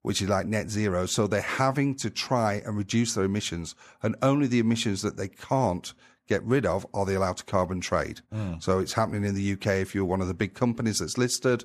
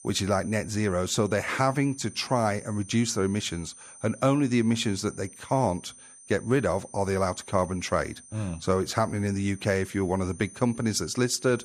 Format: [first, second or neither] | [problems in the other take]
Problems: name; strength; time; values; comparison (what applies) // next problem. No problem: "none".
first | high-pitched whine; noticeable; throughout; 9 kHz, 20 dB below the speech